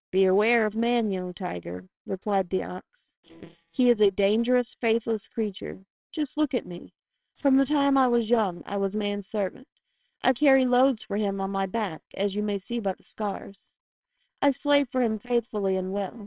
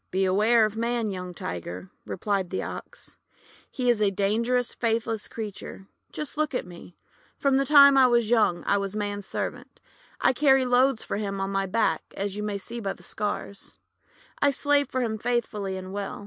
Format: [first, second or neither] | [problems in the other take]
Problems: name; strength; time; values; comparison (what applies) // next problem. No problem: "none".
second | noise reduction (neural separator model SepFormer WHAMR!)